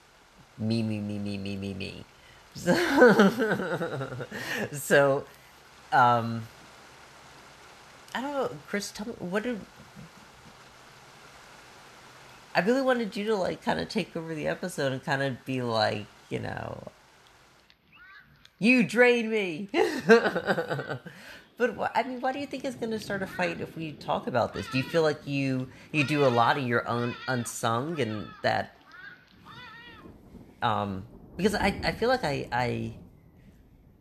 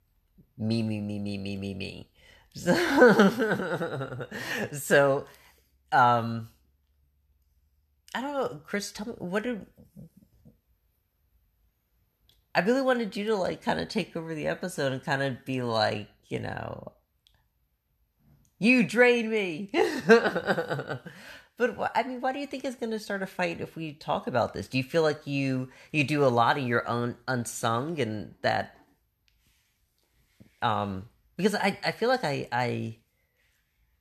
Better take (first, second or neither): second